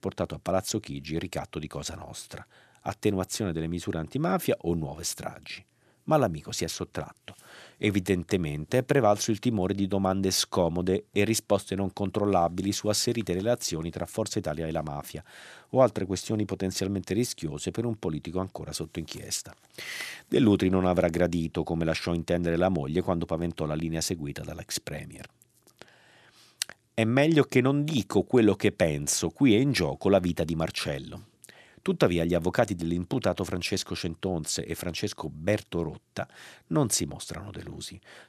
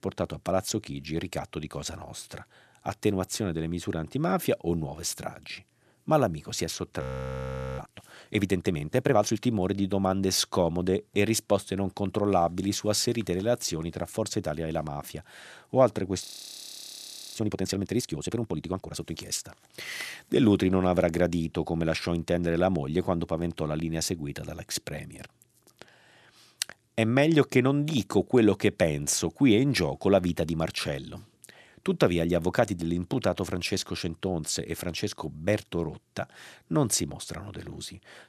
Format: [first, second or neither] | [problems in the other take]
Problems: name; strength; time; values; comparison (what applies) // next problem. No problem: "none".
first | audio freezing; at 7 s for 1 s and at 16 s for 1 s